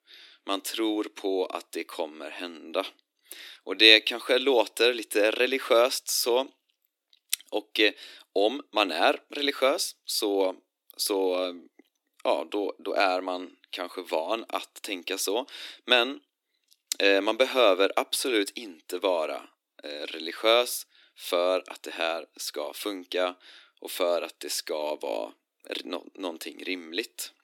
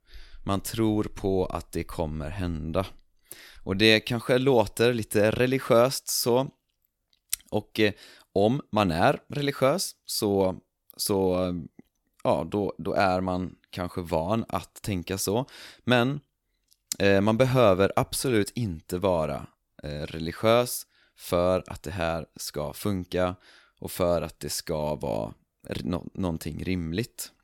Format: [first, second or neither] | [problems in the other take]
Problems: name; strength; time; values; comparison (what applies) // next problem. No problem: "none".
second | thin; somewhat; fading below 300 Hz